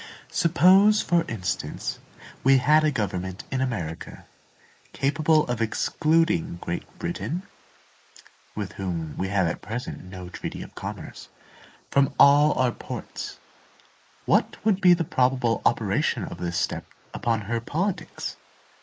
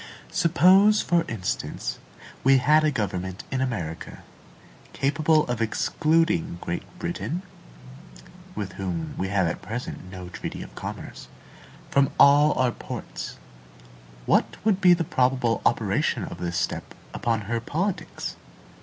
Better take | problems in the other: second | noise reduction (neural mask model Resemble Enhance denoiser)

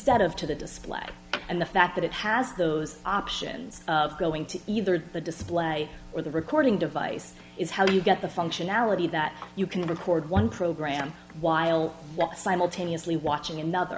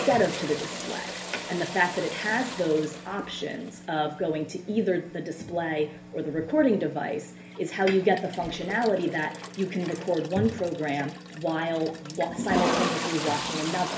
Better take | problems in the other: first | background sound (Toilet flush); 8 dB below the speech // room echo; dies away in 0.3 s

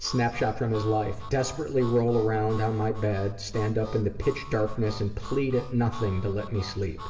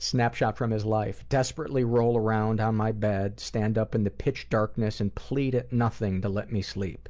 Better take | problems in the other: second | background sound (Harmonica); 17 dB below the speech // room echo; dies away in 1.7 s

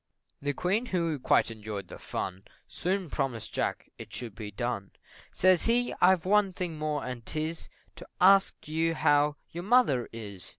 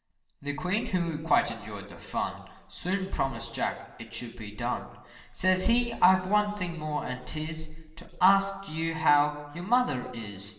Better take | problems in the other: first | room echo; dies away in 0.9 s

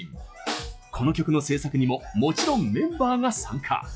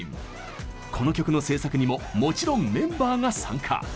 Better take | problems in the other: second | noise reduction (classical method log-MMSE)

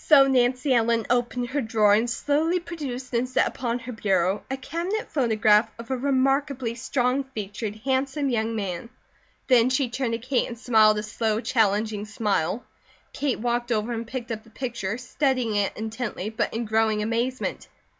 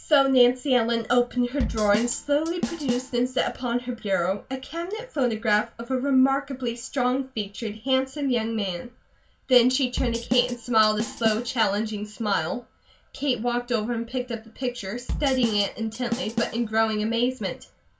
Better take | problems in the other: first | background sound (Drum / Drum kit); 7 dB below the speech // room echo; dies away in 0.2 s

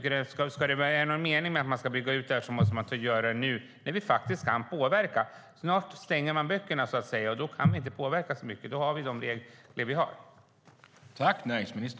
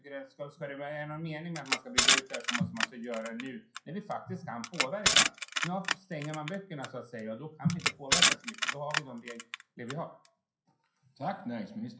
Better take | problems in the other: first | noise reduction (classical method WPE with log-MMSE)

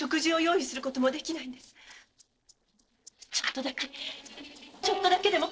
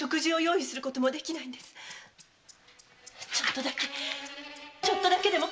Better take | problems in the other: second | noise reduction (neural separator model SepFormer DNS4)

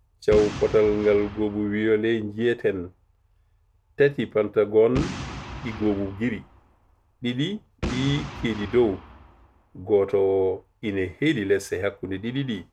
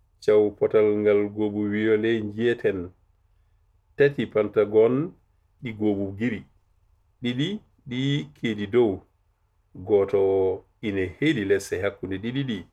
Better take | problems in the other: second | background sound (Boom); 11 dB below the speech

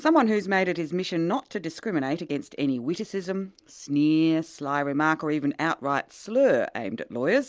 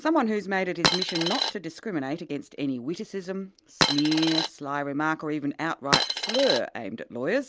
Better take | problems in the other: first | background sound (Coin (dropping)); 3 dB above the speech

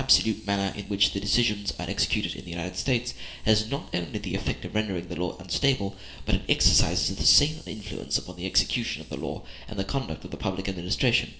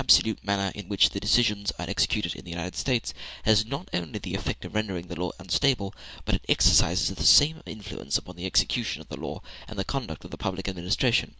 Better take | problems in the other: second | room echo; dies away in 2.8 s

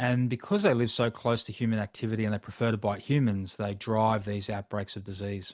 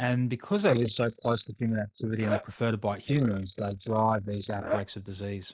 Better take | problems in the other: first | noise reduction (neural mask model Resemble Enhance denoiser)

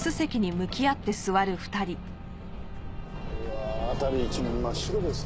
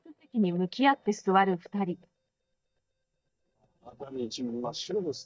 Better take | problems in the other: first | noise reduction (neural mask model DeepFilterNet 3)

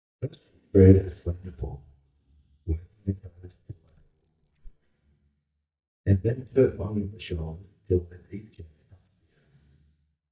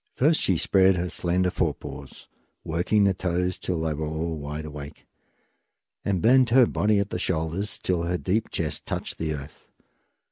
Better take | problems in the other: second | noise reduction (neural mask model DeepFilterNet 3)

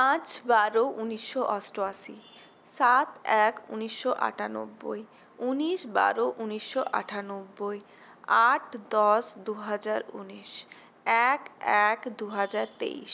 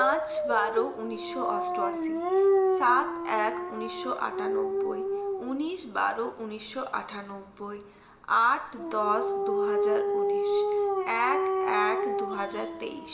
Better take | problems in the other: first | background sound (Dog); 1 dB above the speech // room echo; dies away in 1.1 s

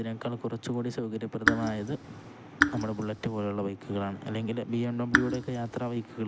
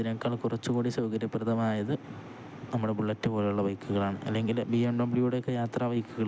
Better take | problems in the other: second | background sound (Raindrop / Drip); 2 dB above the speech

